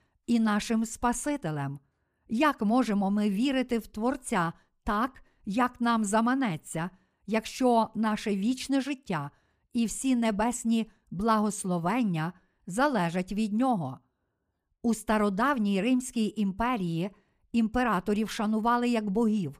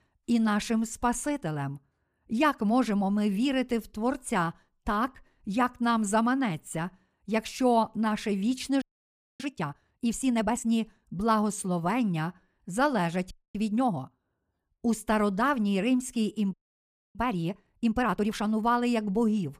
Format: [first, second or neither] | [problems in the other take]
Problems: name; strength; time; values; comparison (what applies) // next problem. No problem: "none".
first | audio freezing; at 9 s for 0.5 s, at 13 s and at 17 s for 0.5 s